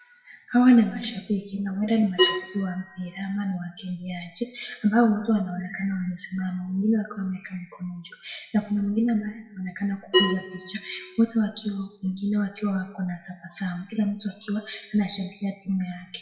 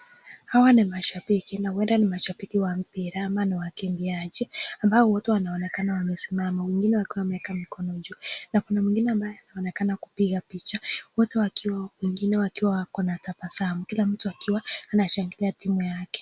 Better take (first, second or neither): second